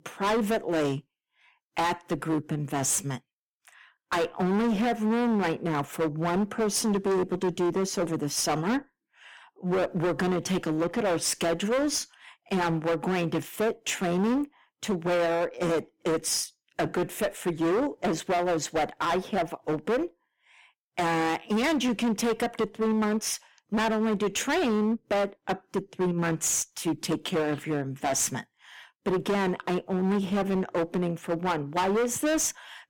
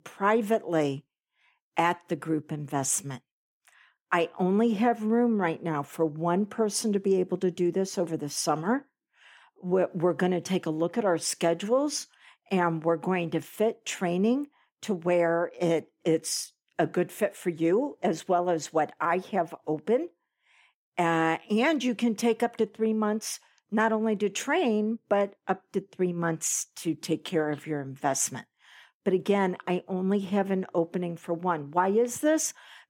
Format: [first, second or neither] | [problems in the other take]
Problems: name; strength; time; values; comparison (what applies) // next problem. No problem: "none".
second | distortion; heavy; 19% of the sound clipped